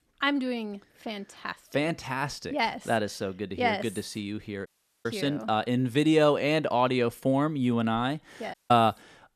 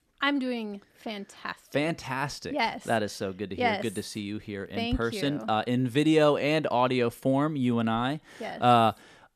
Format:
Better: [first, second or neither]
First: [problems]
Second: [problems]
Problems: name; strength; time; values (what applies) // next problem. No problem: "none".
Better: second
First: audio cutting out; at 4.5 s and at 8.5 s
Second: none